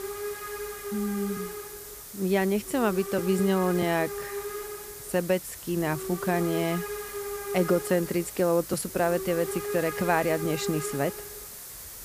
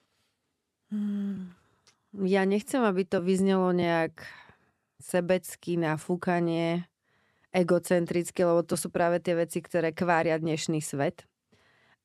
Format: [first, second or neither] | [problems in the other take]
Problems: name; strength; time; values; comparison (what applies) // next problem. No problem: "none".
second | hiss; loud; throughout; 8 dB below the speech